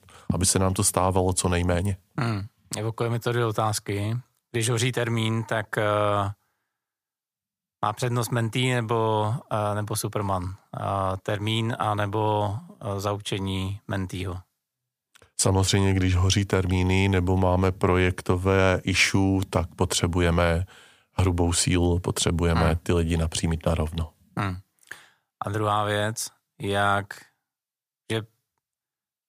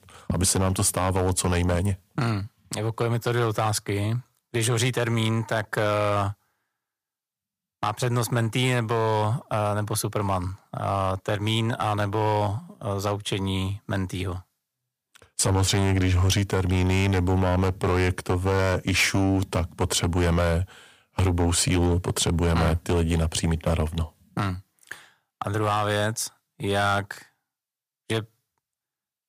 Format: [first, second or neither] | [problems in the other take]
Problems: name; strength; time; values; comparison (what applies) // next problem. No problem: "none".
first | distortion; slight; 6% of the sound clipped